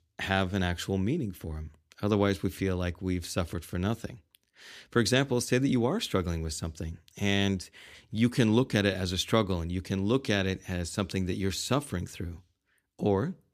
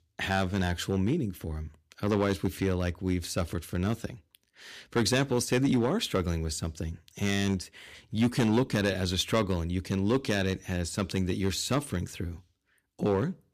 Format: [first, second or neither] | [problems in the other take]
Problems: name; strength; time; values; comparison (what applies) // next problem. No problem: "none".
first | distortion; slight; 3% of the sound clipped